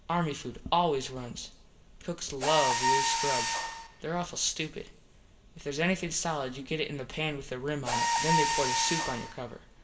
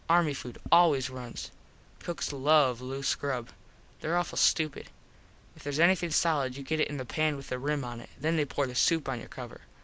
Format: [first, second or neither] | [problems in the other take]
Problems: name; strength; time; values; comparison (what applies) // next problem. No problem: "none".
second | background sound (Mechanisms); 1 dB below the speech // room echo; dies away in 0.7 s